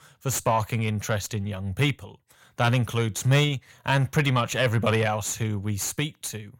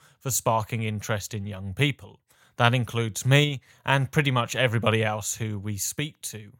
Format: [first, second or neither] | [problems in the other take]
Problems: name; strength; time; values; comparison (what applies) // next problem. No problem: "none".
second | distortion; slight; 10 dB below the speech